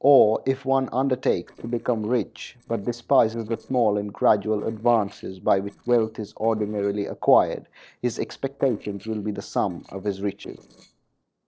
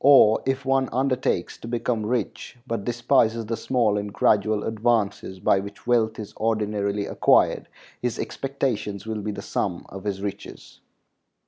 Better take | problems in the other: second | noise reduction (neural separator model SepFormer DNS4)

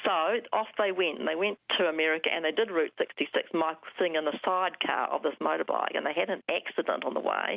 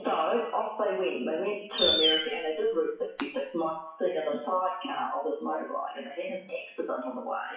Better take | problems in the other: first | noise reduction (classical method WPE with log-MMSE)

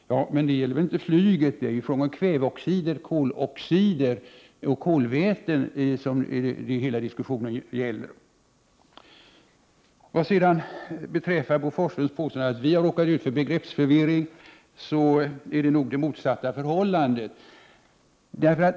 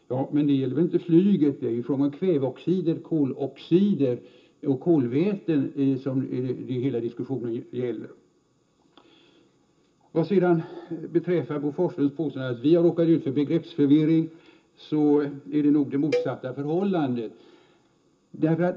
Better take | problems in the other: first | background sound (Cowbell); 9 dB below the speech // room echo; dies away in 0.2 s

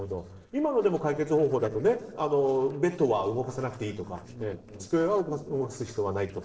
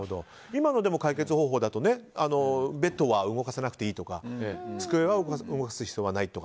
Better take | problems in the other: second | noise reduction (neural separator model SepFormer DNS4)

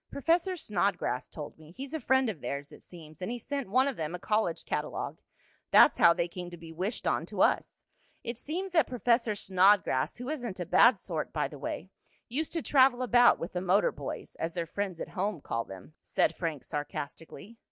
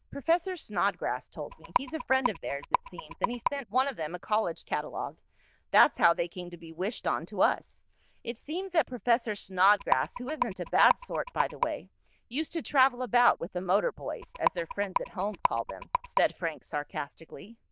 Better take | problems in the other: first | noise reduction (neural diffusion model UNIVERSE++)

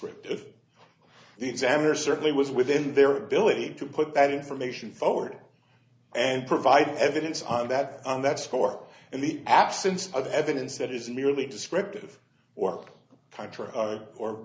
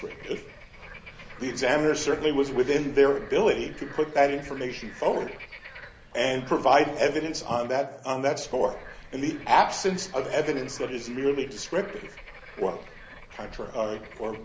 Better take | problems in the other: first | background sound (Bird / Frog); 18 dB below the speech

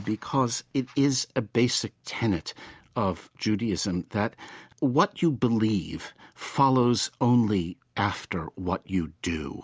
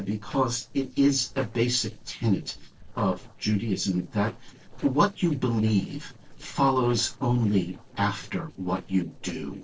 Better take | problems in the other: first | noise reduction (neural separator model SepFormer DNS4)

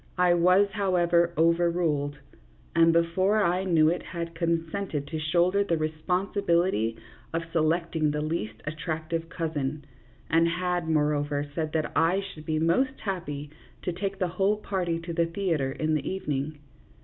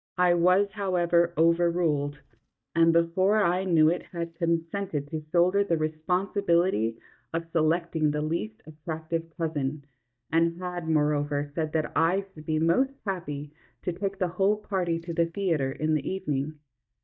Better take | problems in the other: first | noise reduction (neural mask model DeepFilterNet 3)

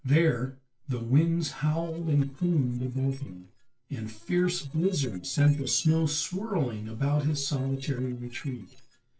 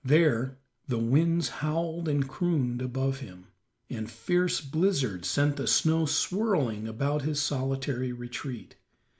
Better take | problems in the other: second | noise reduction (neural separator model SepFormer DNS4)

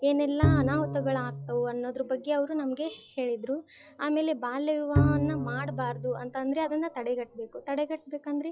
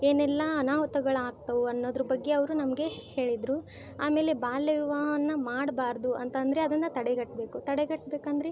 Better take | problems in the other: second | noise reduction (classical method log-MMSE)

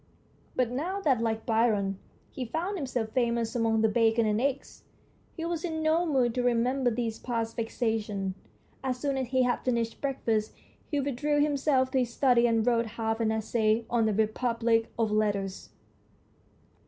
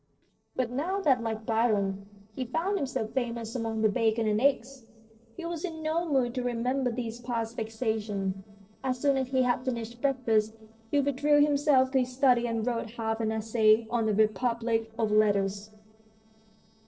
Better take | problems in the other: first | noise reduction (neural separator model SepFormer DNS4)

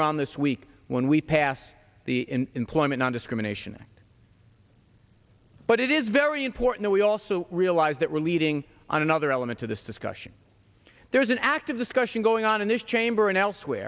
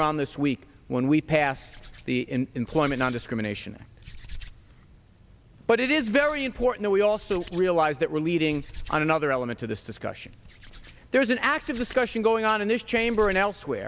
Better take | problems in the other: first | background sound (Hands); 19 dB below the speech

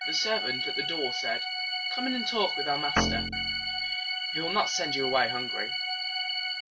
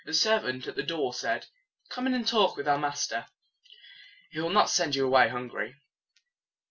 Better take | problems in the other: second | background sound (Organ + Guitar); 2 dB above the speech

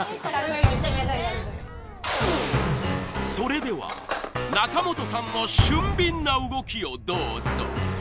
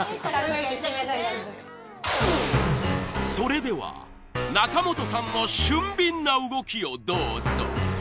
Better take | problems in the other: second | background sound (Explosion + Cutlery, silverware); 3 dB below the speech

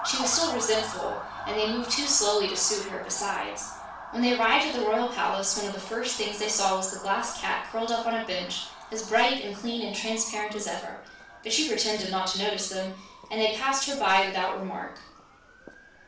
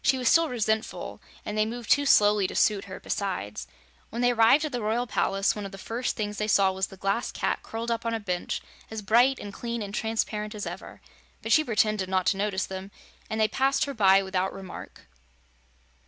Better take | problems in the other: second | background sound (Motor vehicle (road) / Siren); 13 dB below the speech // room echo; dies away in 0.4 s

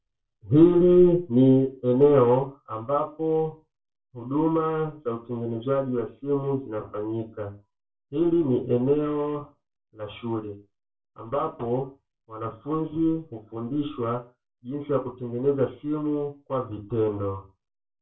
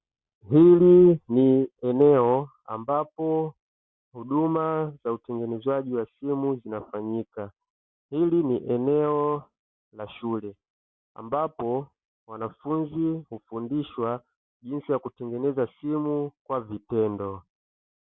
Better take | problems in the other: second | room echo; dies away in 0.3 s

